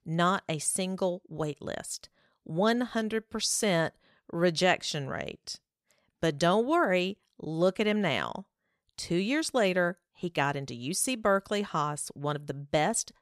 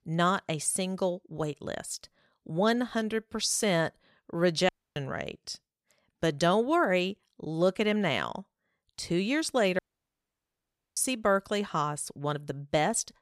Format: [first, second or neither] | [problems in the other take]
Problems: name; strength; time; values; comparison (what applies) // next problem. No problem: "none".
first | audio cutting out; at 4.5 s and at 10 s for 1 s